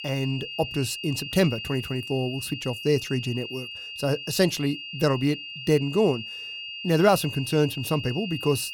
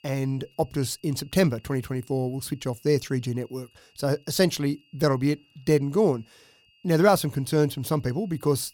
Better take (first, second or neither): second